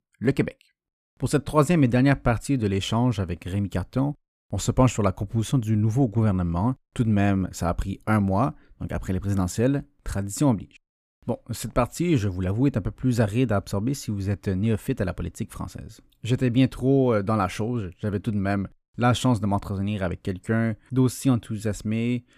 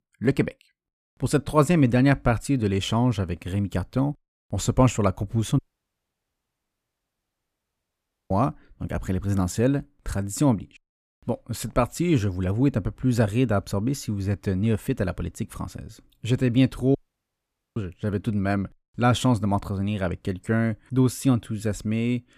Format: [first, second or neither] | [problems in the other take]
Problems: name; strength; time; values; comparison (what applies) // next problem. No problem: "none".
first | audio cutting out; at 5.5 s for 2.5 s and at 17 s for 1 s